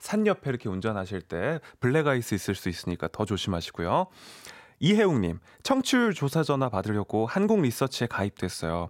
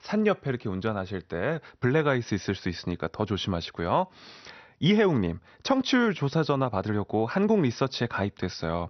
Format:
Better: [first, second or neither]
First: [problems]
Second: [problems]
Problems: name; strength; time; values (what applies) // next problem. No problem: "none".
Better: first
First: none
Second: garbled, watery; slightly; nothing above 6 kHz